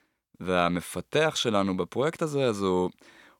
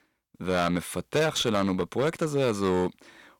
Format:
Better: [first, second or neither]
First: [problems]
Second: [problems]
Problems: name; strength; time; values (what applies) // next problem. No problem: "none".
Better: first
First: none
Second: distortion; slight; 8% of the sound clipped